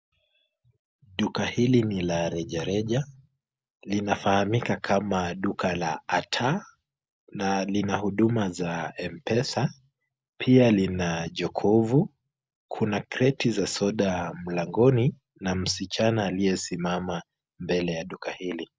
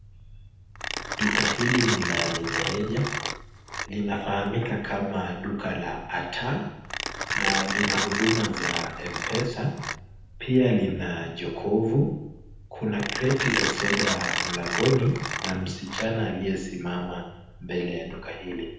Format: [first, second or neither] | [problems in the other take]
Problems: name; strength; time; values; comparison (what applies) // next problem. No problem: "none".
first | background sound (Mechanisms); 4 dB below the speech // room echo; dies away in 0.9 s